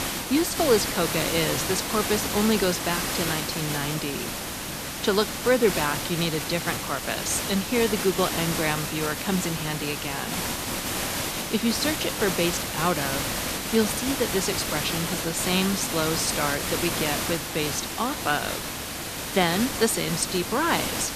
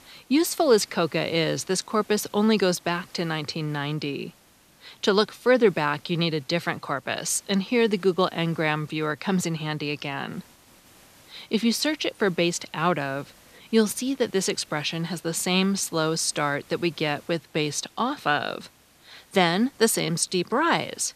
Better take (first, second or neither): second